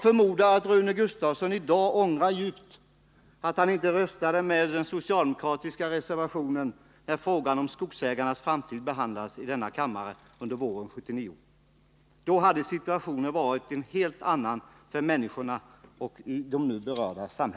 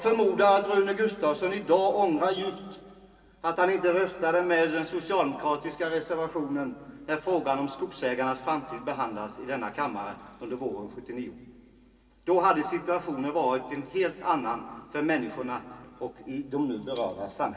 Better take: first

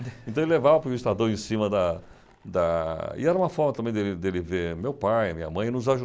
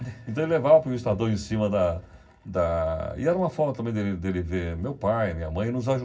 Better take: first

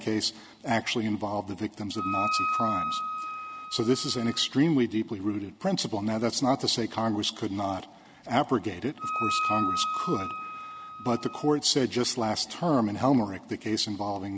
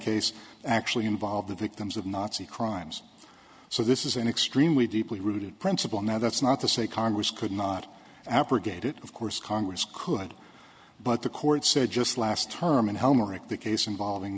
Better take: second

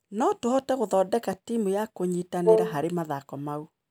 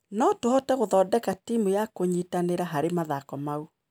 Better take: second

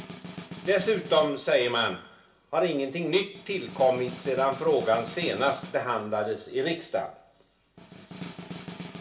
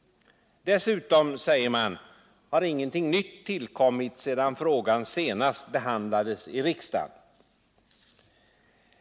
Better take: second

